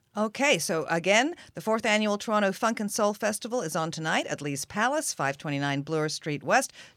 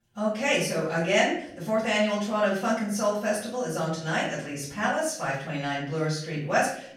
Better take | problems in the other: first | off-mic speech; far // room echo; noticeable; dies away in 0.5 s

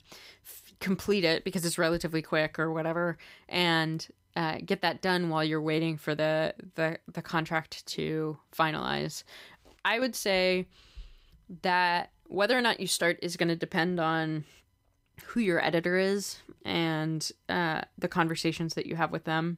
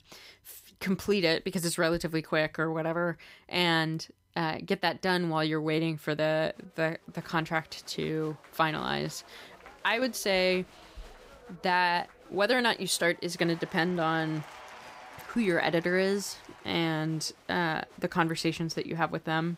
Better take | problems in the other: first | crowd noise; faint; from 6.5 s on; 20 dB below the speech

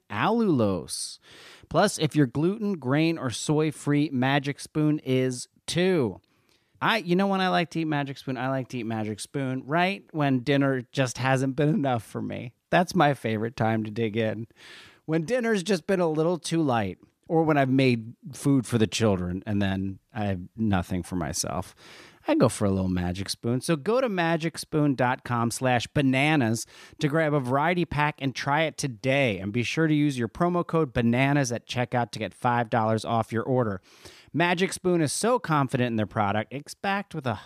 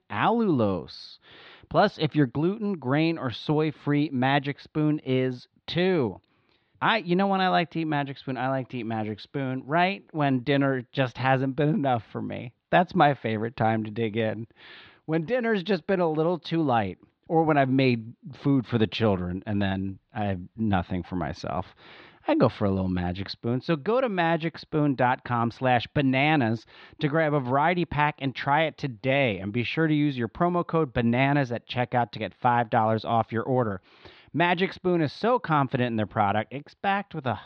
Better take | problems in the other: first | muffled; slightly; fading above 4 kHz

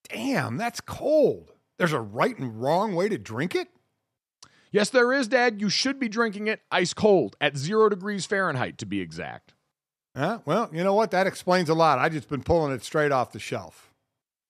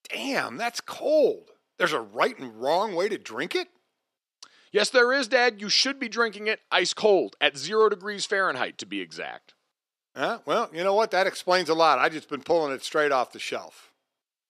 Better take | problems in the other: first | thin; somewhat; fading below 350 Hz

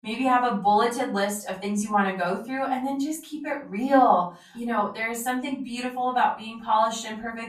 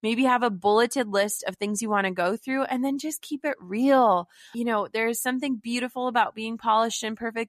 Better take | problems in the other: second | off-mic speech; far // room echo; slight; dies away in 0.3 s

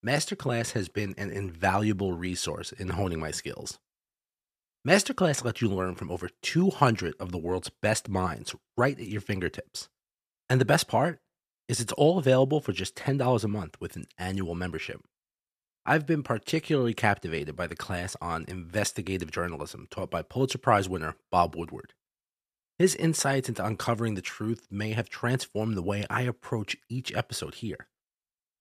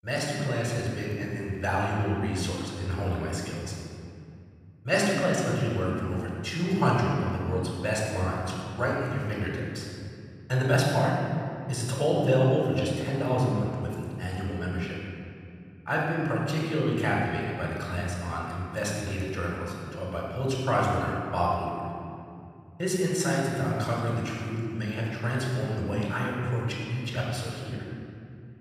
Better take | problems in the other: first | off-mic speech; far // room echo; strong; dies away in 2.5 s

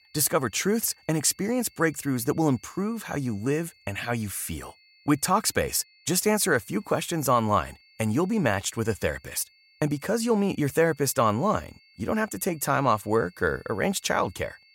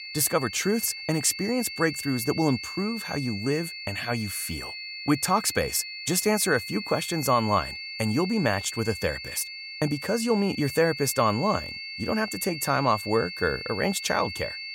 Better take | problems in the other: first | high-pitched whine; loud; throughout; 4.5 kHz, 8 dB below the speech; faint in the first

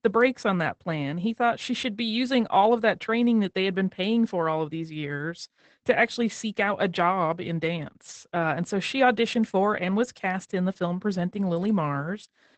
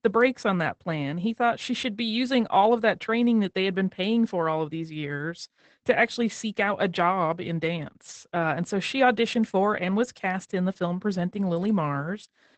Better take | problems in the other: neither | garbled, watery; badly; nothing above 8 kHz; the same in both

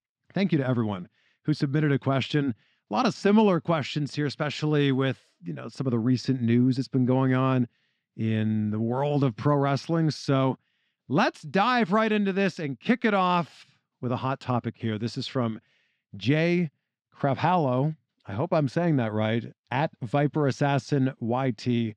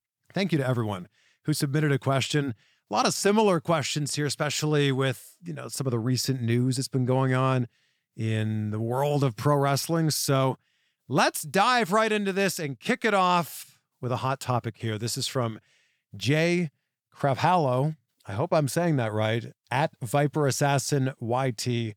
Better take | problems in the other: second | muffled; very slightly; fading above 4 kHz

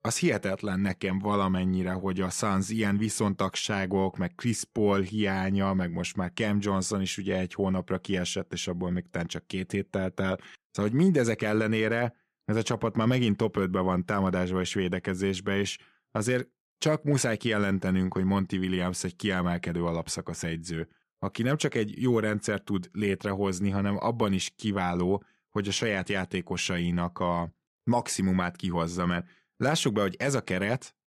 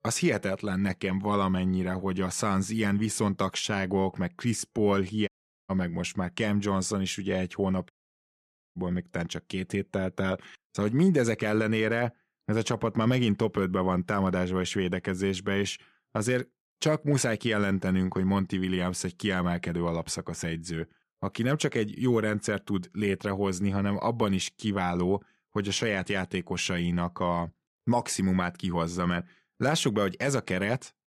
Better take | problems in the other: first | audio cutting out; at 5.5 s and at 8 s for 1 s

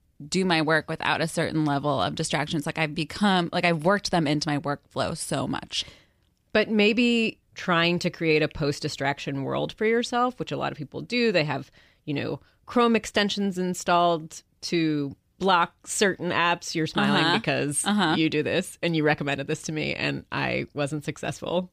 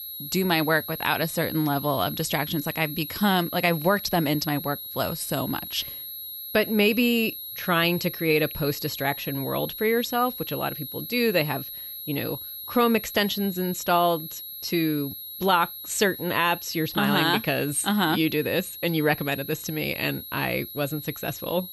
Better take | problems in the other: first | high-pitched whine; loud; throughout; 11.5 kHz, 9 dB below the speech

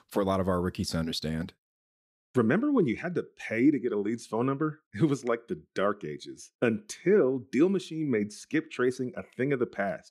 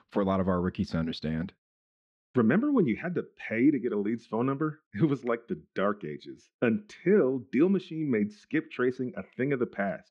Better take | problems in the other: first | muffled; slightly; fading above 2.5 kHz

